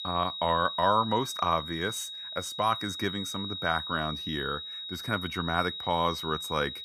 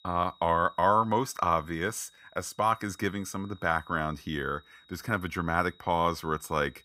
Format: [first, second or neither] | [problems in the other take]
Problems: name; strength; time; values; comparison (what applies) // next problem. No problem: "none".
second | high-pitched whine; loud; throughout; 4 kHz, 6 dB below the speech; faint in the second